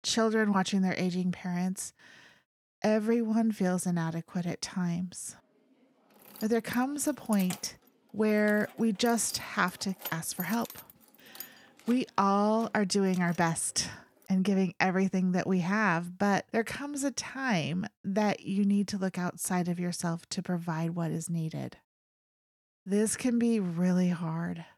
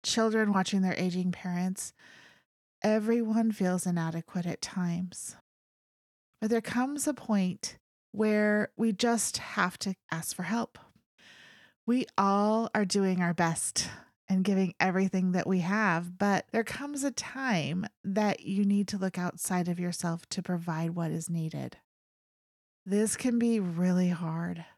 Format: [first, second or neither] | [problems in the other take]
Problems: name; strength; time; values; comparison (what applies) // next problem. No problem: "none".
second | jangling keys; noticeable; from 6.5 to 13 s; peak 9 dB below the speech